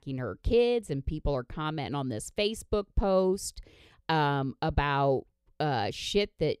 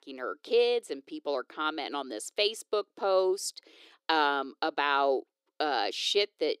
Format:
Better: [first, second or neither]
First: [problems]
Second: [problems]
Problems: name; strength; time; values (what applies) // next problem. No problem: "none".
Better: first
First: none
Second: thin; somewhat; fading below 300 Hz